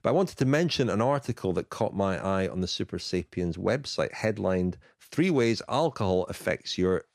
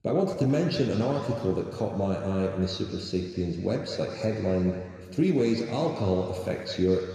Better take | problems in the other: first | room echo; noticeable; dies away in 2.3 s

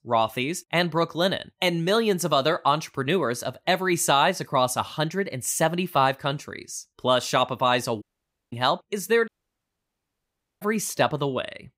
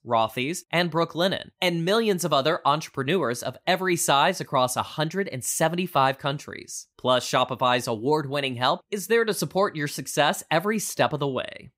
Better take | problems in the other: second | audio cutting out; at 8 s for 0.5 s and at 9.5 s for 1.5 s

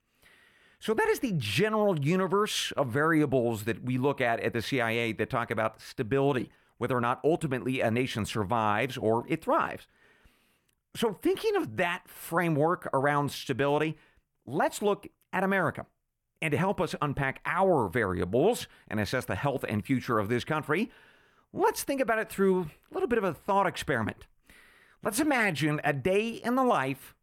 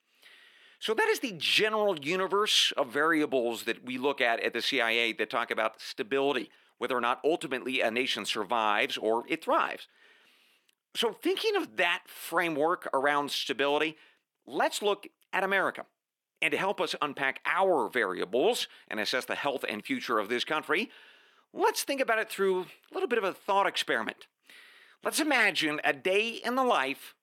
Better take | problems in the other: first | thin; somewhat; fading below 300 Hz

